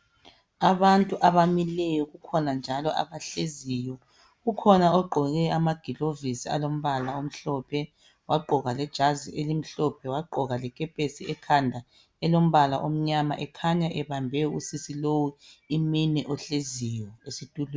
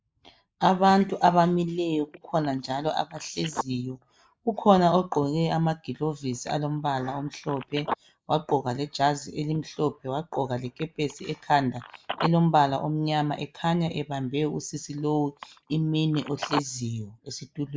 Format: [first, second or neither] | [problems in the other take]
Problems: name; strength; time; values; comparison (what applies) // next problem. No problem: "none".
first | noise reduction (neural mask model Resemble Enhance denoiser)